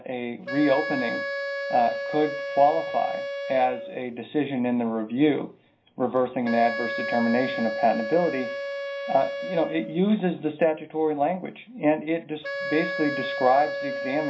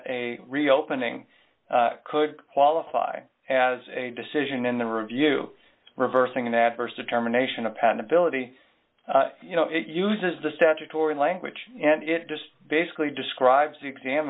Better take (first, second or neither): second